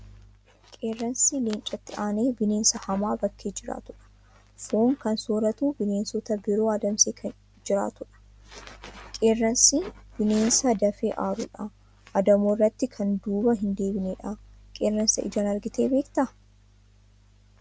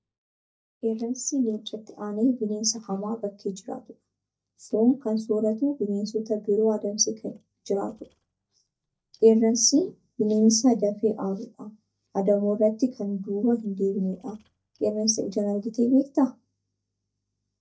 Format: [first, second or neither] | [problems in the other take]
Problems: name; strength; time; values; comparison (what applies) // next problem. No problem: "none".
first | noise reduction (neural mask model DeepFilterNet 3)